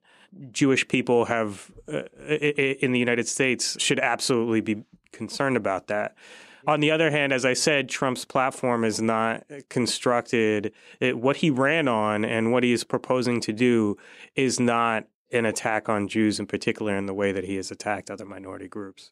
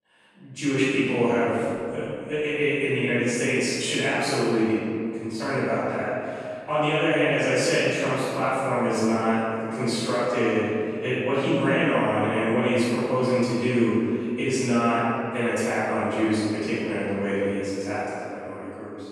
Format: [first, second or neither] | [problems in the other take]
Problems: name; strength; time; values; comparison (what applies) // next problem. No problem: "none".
first | off-mic speech; far // room echo; strong; dies away in 2.3 s